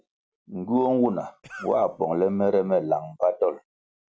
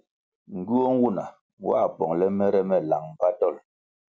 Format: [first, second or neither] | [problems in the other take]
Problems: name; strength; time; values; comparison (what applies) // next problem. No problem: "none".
second | background sound (Cough); 19 dB below the speech